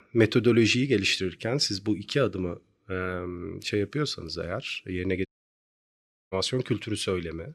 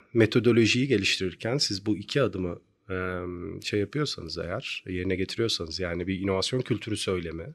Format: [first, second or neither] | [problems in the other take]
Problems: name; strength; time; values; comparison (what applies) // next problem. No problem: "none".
second | audio cutting out; at 5.5 s for 1 s